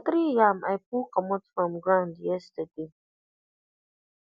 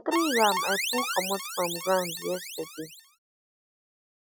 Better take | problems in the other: first | background sound (Alarm); 2 dB below the speech

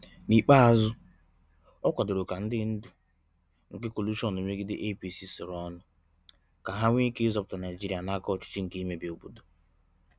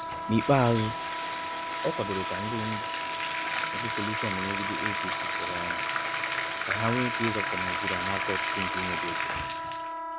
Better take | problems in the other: first | background sound (Wind instrument, woodwind instrument + Bathtub (filling or washing)); 1 dB above the speech

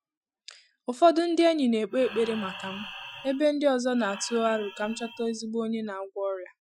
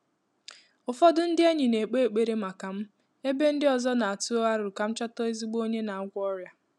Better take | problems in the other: second | noise reduction (classical method Wiener filter)

